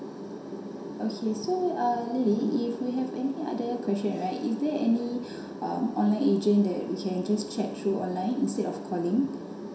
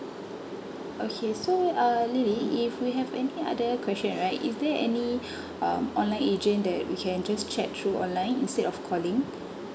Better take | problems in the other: second | room echo; dies away in 0.7 s

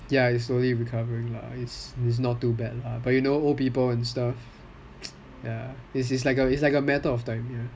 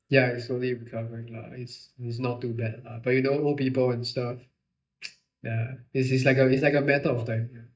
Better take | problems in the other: first | noise reduction (neural mask model DeepFilterNet 3)

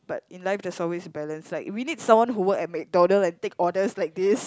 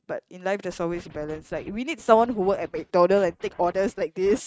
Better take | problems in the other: first | noise reduction (neural mask model RNNoise)

